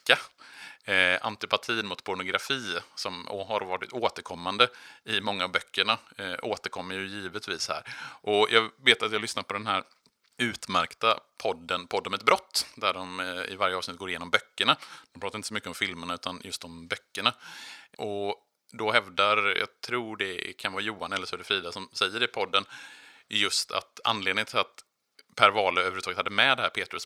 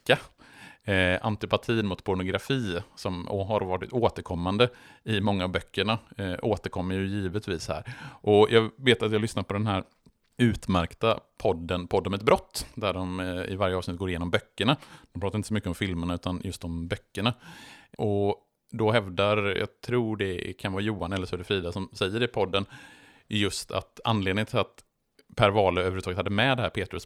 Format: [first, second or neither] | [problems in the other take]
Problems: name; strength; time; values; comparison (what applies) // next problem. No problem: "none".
second | thin; somewhat; fading below 800 Hz